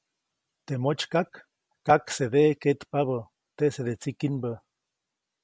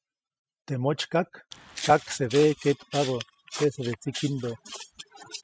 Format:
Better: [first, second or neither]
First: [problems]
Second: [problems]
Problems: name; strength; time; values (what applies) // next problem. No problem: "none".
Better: first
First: none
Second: noise reduction (classical method spectral subtraction)